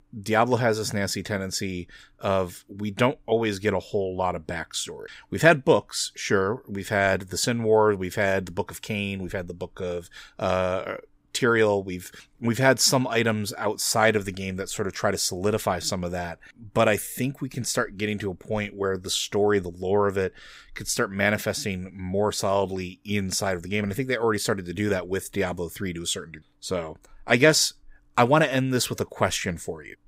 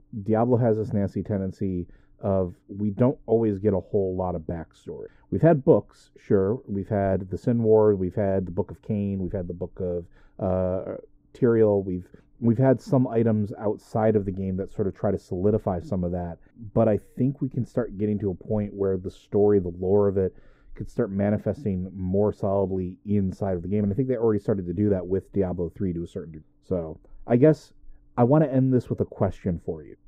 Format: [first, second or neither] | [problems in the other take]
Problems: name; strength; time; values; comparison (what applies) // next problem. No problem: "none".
first | muffled; very; fading above 1.5 kHz